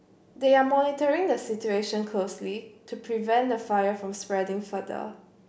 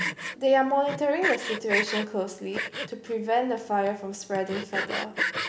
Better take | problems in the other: first | background sound (Sawing); 5 dB below the speech

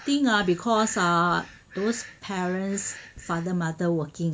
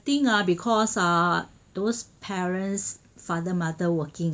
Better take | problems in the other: second | background sound (Breathing); 20 dB below the speech

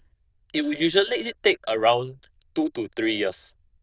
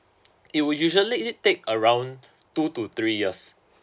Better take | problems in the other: second | noise reduction (neural diffusion model UNIVERSE++)

